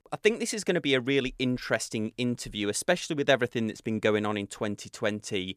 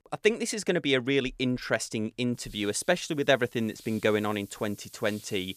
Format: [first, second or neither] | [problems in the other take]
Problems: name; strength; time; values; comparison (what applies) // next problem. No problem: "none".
first | hiss; faint; from 2.5 s on; 25 dB below the speech